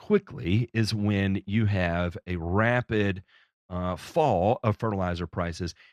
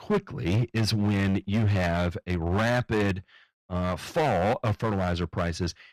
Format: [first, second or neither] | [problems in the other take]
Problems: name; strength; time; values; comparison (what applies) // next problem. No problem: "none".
first | distortion; heavy; 13% of the sound clipped